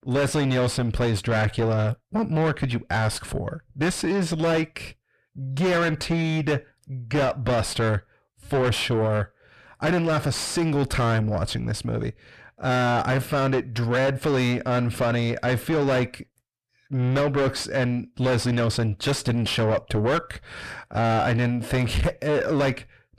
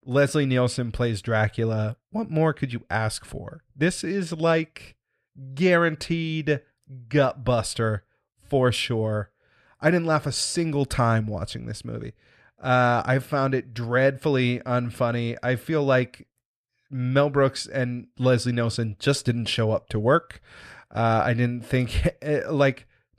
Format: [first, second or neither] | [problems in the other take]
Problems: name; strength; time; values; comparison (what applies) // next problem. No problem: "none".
second | distortion; heavy; 5 dB below the speech